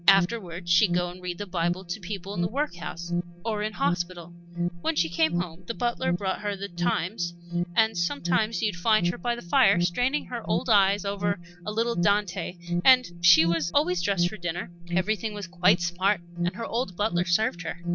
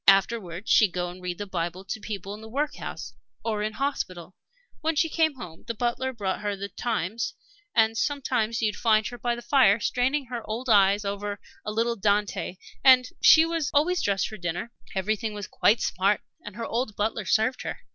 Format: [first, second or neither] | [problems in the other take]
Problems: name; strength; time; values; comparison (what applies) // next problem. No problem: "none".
second | background sound (Alarm); 4 dB below the speech